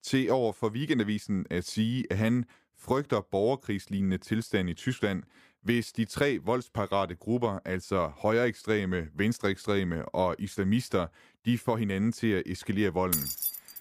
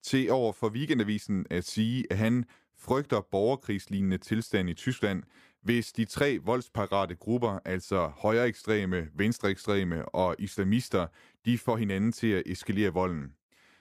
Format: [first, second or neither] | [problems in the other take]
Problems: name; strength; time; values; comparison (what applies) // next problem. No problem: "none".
second | jangling keys; loud; at 13 s; peak 1 dB above the speech